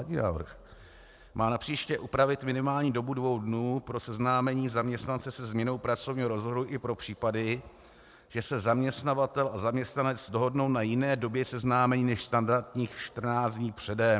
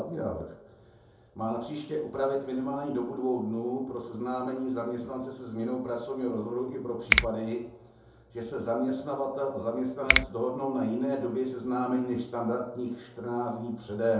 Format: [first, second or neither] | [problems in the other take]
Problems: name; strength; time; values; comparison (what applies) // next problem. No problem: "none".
first | background sound (Finger snapping); as loud as the speech // room echo; dies away in 2.6 s